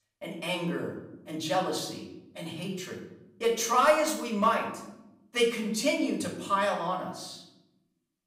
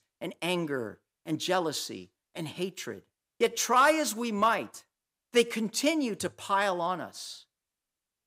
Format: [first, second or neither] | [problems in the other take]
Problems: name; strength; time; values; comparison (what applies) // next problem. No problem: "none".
second | off-mic speech; far // room echo; slight; dies away in 0.7 s